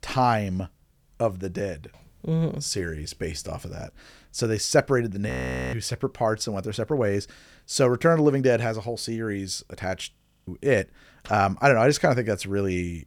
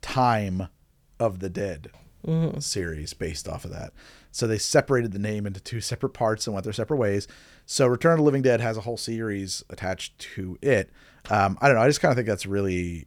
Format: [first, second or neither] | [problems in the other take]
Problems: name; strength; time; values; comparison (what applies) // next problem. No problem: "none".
second | audio freezing; at 5.5 s and at 10 s